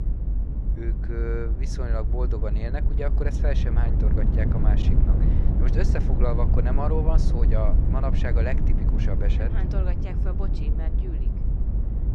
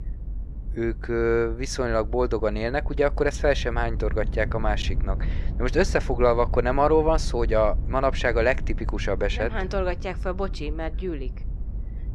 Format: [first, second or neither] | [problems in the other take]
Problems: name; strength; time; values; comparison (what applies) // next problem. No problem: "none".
second | low rumble; loud; throughout; 4 dB below the speech; faint in the second